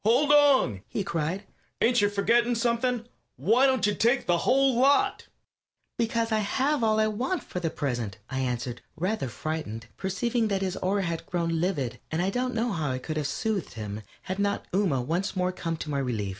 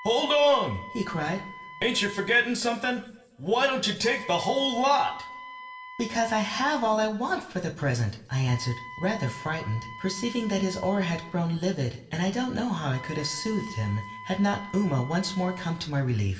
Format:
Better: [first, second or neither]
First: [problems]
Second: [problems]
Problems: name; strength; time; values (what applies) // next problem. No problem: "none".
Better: first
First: none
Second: background sound (Wind instrument, woodwind instrument); 16 dB below the speech // room echo; dies away in 0.8 s